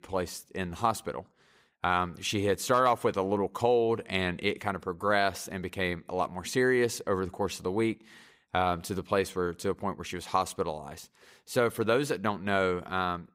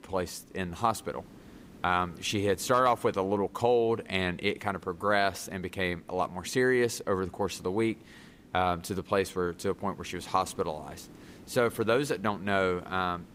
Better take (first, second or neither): first